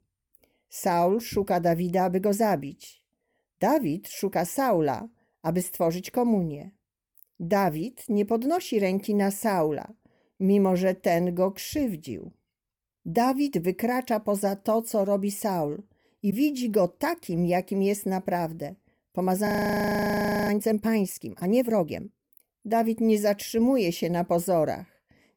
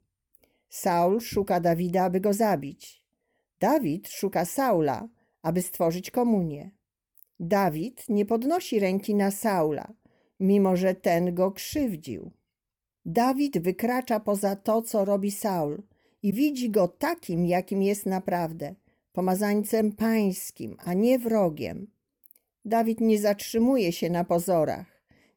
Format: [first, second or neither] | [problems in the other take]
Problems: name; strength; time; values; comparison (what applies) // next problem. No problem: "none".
second | audio freezing; at 19 s for 1 s